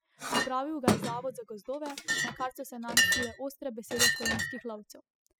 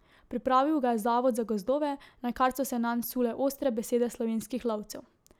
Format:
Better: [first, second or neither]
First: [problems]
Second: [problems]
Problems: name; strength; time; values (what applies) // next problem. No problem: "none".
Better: second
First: noise reduction (classical method spectral subtraction)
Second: none